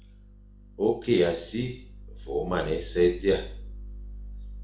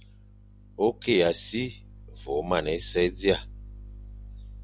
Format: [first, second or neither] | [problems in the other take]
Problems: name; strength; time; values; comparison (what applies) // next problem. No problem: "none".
second | room echo; dies away in 0.5 s